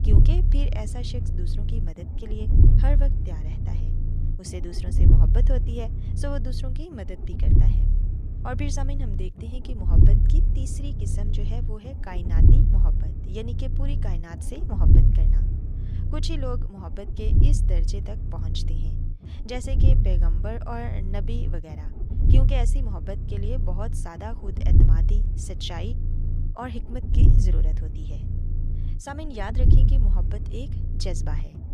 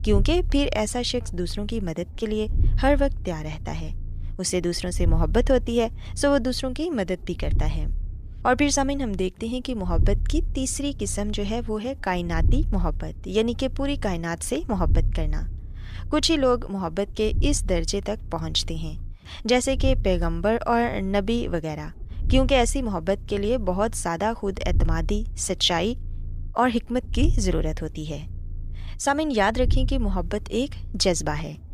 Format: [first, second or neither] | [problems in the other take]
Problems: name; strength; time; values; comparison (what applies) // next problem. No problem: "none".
second | low rumble; loud; throughout; 2 dB below the speech; faint in the second